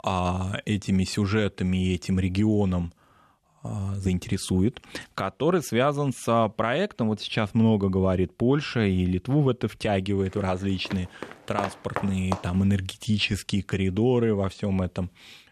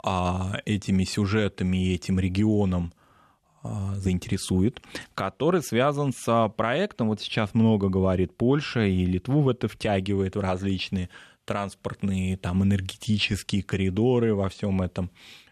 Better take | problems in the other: second | footsteps; noticeable; from 10 to 12 s; peak 7 dB below the speech

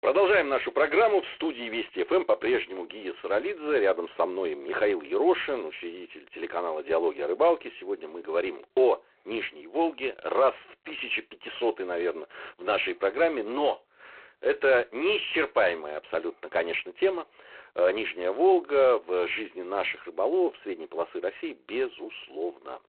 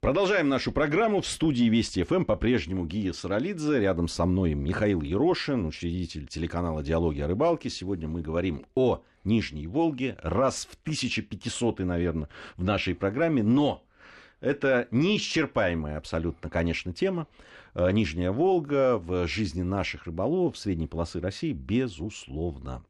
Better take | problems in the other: second | phone-call audio; poor line

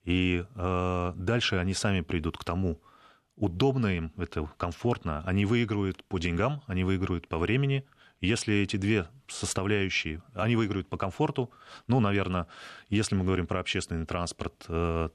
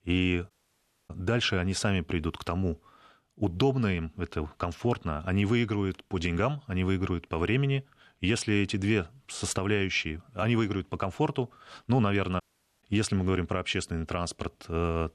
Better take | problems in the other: first | audio cutting out; at 0.5 s for 0.5 s and at 12 s

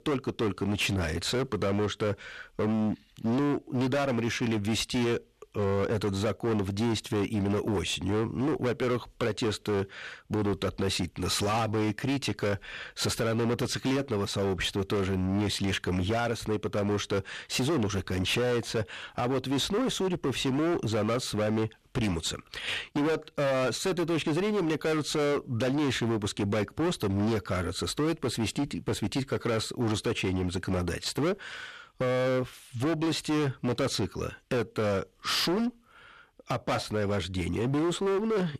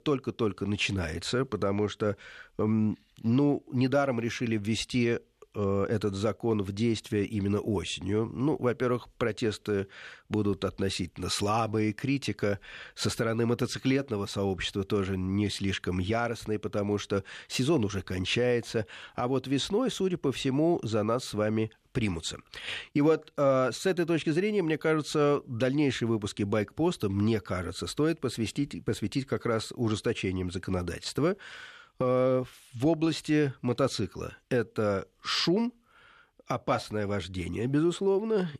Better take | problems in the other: second | distortion; heavy; 24% of the sound clipped

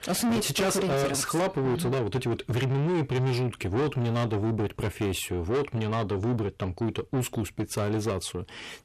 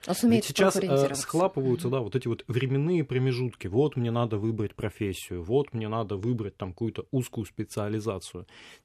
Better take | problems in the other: second | distortion; heavy; 6 dB below the speech

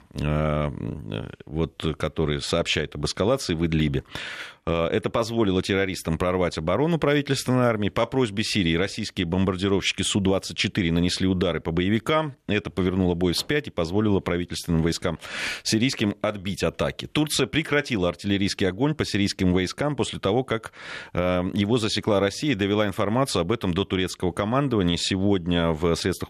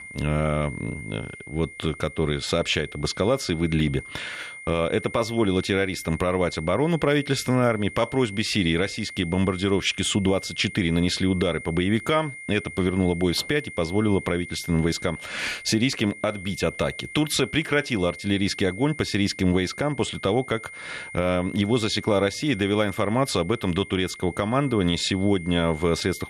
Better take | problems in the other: first | high-pitched whine; noticeable; throughout; 2 kHz, 15 dB below the speech

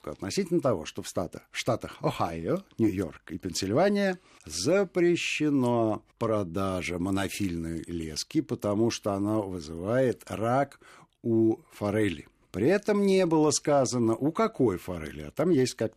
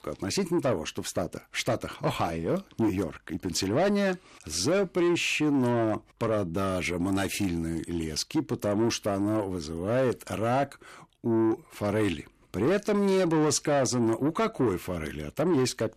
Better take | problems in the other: first | distortion; slight; 10 dB below the speech

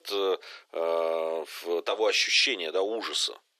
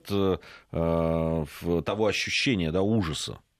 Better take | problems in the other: second | thin; very; fading below 350 Hz

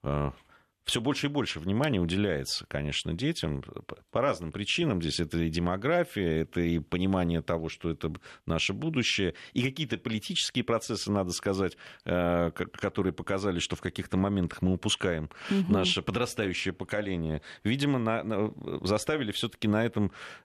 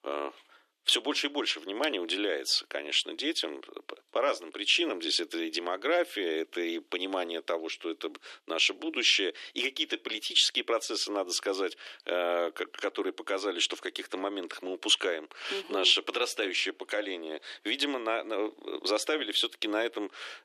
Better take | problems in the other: first | thin; somewhat; fading below 300 Hz

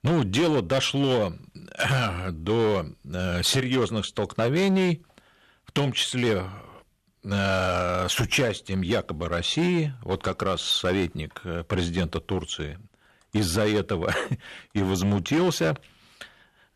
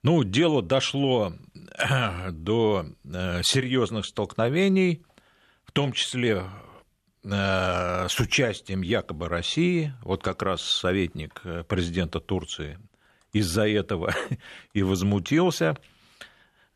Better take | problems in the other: second | distortion; slight; 8% of the sound clipped

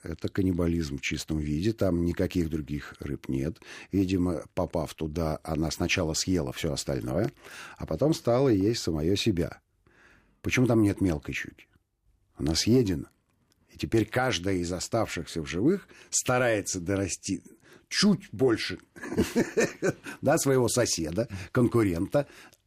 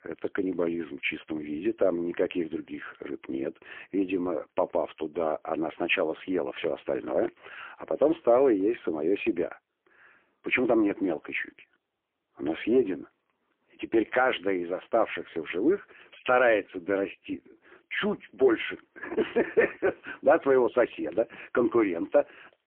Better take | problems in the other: first | phone-call audio; poor line; nothing above 3 kHz

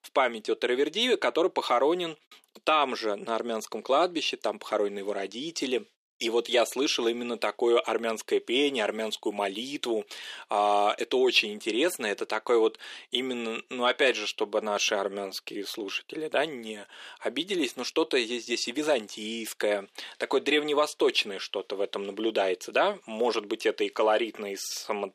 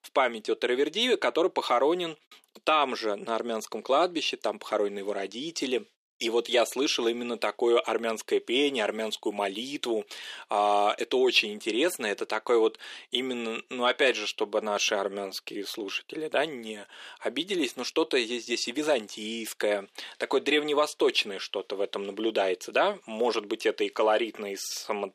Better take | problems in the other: neither | thin; very; fading below 350 Hz; the same in both

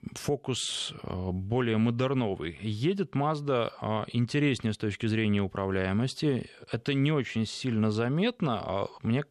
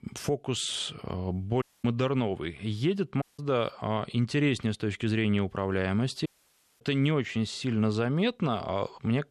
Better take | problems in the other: first | audio cutting out; at 1.5 s, at 3 s and at 6.5 s for 0.5 s

